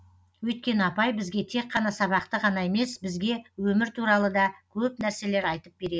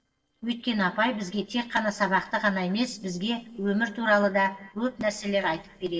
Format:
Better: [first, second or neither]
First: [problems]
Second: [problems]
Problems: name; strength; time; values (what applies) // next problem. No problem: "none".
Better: first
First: none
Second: noise reduction (neural separator model SepFormer DNS4)